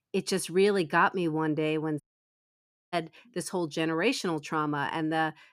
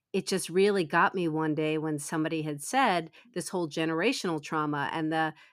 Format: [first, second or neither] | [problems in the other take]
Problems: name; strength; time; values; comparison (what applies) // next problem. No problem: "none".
second | audio cutting out; at 2 s for 1 s